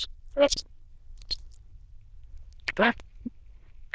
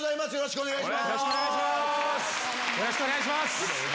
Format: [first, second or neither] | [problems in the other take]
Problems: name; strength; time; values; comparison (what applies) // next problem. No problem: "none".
second | noise reduction (neural diffusion model UNIVERSE++)